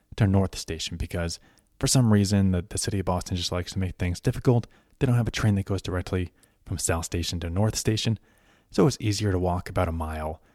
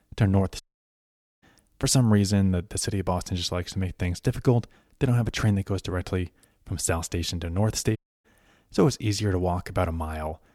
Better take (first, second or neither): first